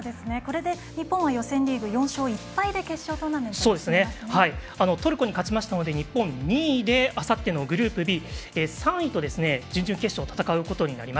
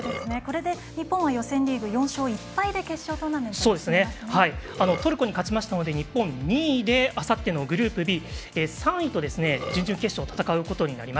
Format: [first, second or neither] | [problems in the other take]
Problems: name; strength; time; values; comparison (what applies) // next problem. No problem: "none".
first | background sound (Burping, eructation); 17 dB below the speech